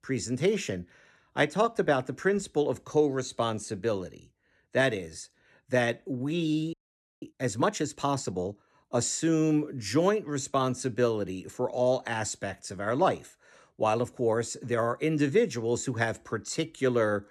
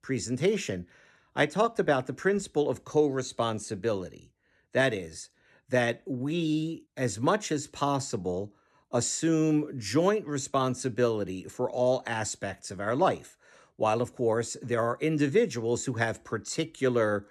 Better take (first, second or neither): second